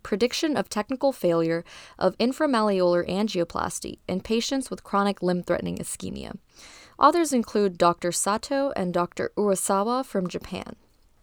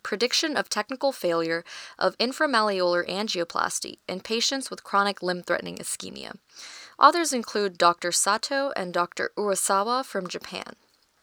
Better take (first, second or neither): first